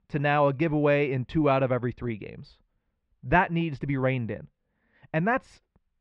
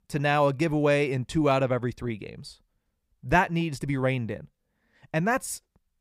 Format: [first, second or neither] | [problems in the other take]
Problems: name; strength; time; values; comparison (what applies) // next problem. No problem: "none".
second | muffled; very; fading above 3 kHz